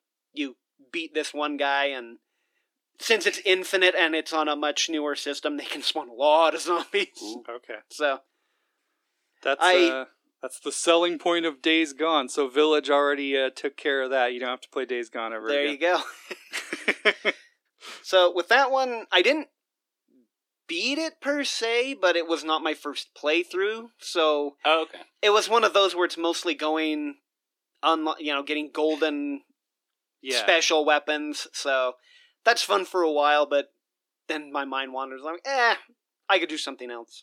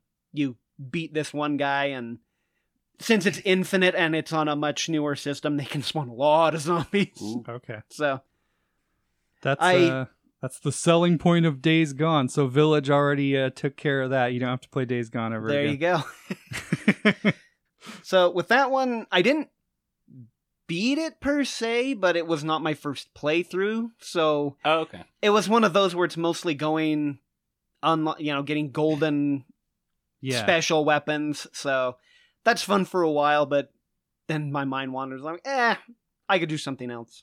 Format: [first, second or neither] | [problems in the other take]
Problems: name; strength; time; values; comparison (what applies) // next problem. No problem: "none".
second | thin; somewhat; fading below 300 Hz